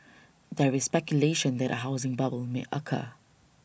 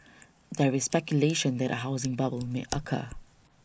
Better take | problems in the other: first | noise reduction (neural mask model Resemble Enhance denoiser)

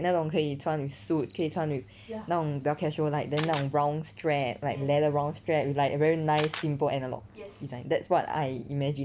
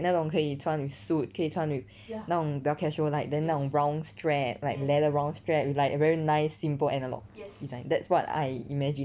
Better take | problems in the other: second | background sound (Camera); 17 dB below the speech

